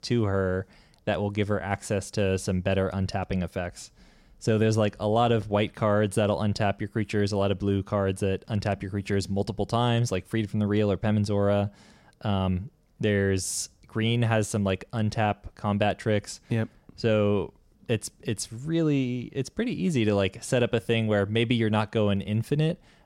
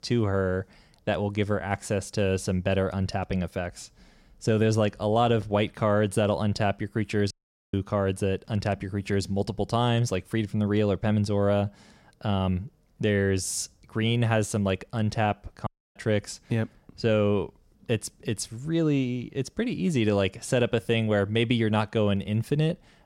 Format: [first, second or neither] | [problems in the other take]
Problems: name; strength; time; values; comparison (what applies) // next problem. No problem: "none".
first | audio cutting out; at 7.5 s and at 16 s